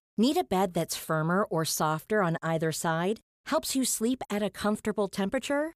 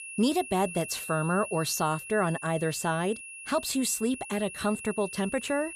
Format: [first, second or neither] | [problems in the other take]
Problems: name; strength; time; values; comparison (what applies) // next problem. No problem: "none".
first | high-pitched whine; noticeable; throughout; 2.5 kHz, 10 dB below the speech